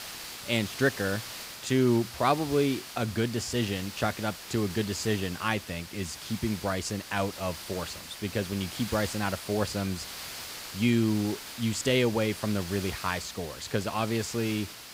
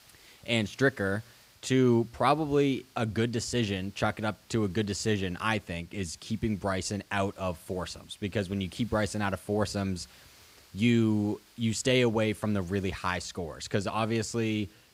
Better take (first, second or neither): second